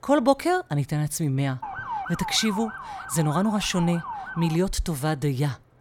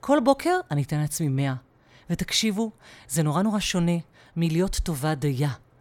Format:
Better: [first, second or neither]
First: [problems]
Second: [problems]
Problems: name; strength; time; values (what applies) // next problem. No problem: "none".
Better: second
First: siren; noticeable; from 1.5 to 4.5 s; peak 6 dB below the speech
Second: none